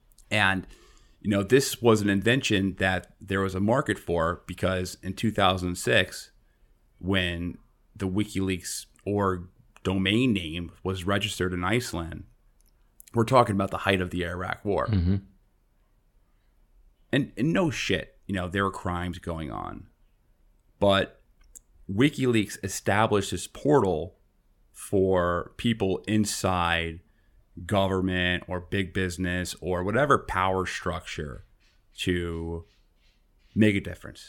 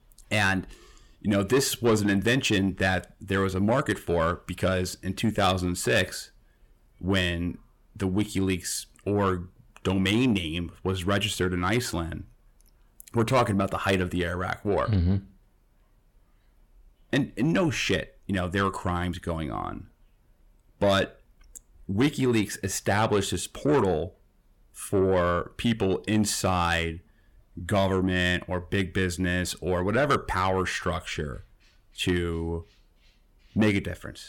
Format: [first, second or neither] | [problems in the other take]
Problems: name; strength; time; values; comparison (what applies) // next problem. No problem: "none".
first | distortion; slight; 10 dB below the speech